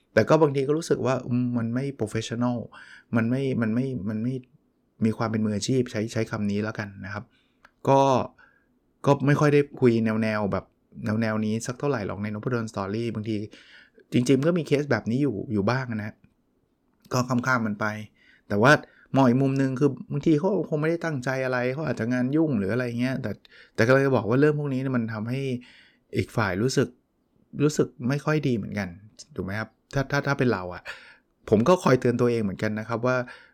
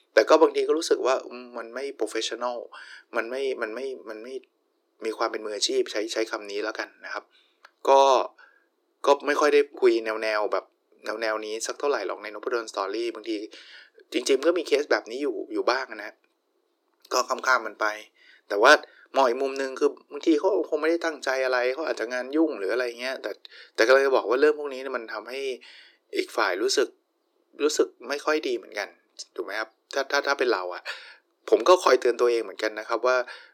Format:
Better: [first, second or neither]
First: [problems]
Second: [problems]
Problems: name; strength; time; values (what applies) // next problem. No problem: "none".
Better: first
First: none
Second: thin; very; fading below 350 Hz